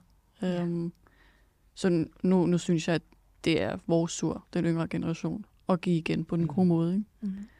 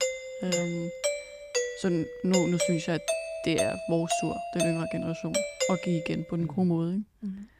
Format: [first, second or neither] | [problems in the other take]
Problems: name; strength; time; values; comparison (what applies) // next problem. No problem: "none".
first | doorbell; loud; until 6 s; peak 2 dB above the speech